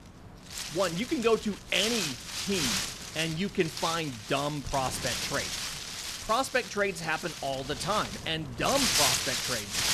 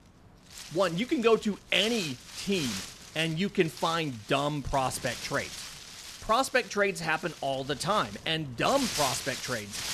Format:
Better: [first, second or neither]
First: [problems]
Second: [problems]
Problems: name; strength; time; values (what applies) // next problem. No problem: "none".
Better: second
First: wind noise on the microphone; heavy; 2 dB below the speech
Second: wind noise on the microphone; occasional gusts; 10 dB below the speech